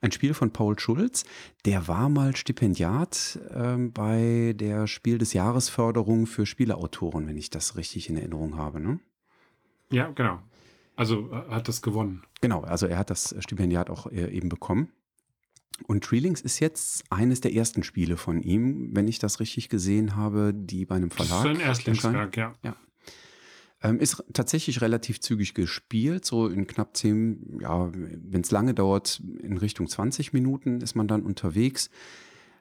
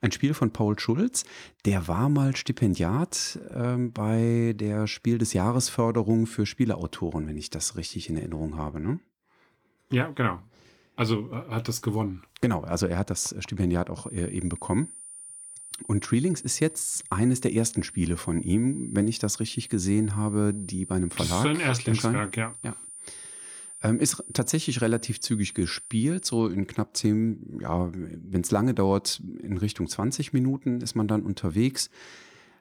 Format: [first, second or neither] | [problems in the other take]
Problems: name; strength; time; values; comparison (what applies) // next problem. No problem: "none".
first | high-pitched whine; noticeable; from 14 to 26 s; 9 kHz, 15 dB below the speech